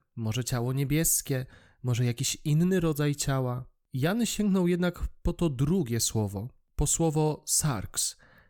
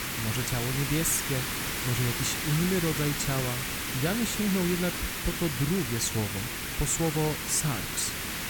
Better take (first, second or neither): first